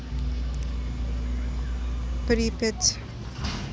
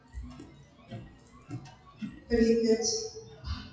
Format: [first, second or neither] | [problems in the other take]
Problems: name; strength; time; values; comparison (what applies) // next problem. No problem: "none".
first | noise reduction (classical method WPE with log-MMSE)